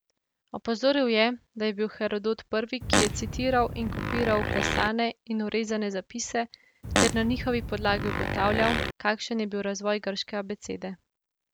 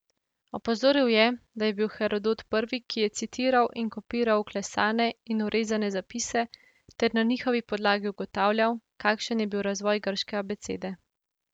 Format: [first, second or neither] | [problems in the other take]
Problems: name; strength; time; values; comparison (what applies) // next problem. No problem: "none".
second | background sound (Fart); as loud as the speech